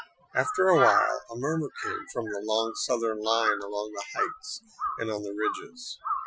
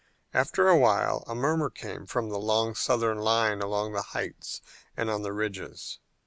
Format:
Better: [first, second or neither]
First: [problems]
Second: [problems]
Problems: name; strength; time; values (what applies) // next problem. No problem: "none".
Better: second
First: noise reduction (classical method Wiener filter)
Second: none